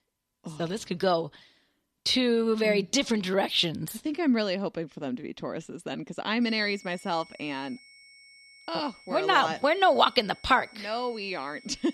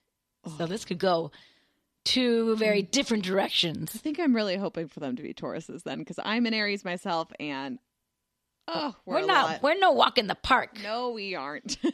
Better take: second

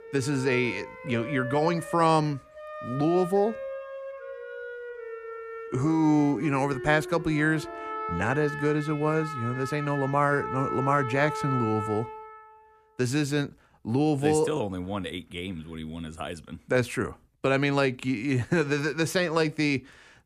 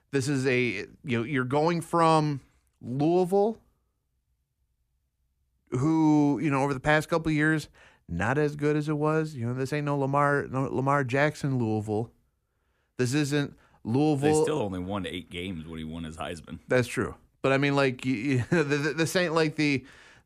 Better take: second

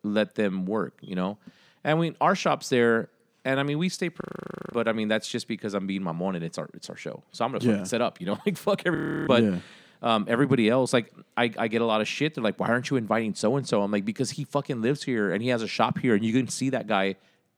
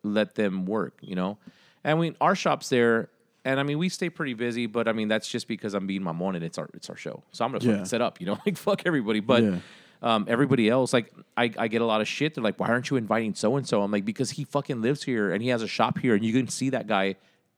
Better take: second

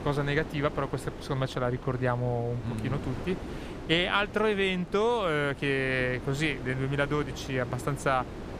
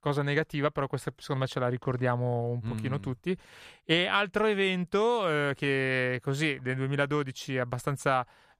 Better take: second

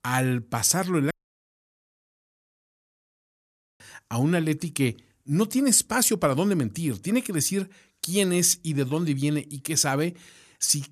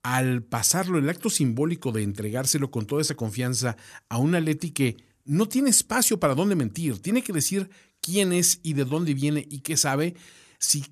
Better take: second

